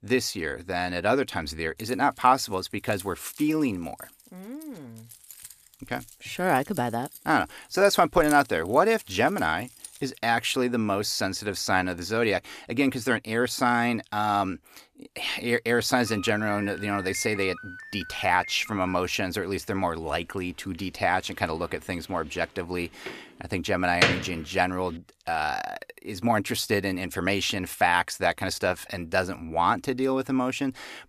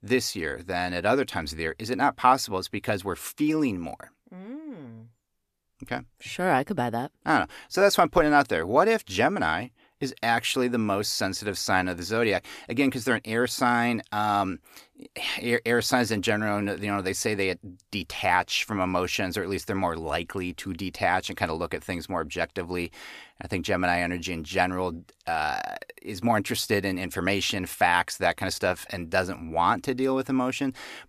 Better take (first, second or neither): second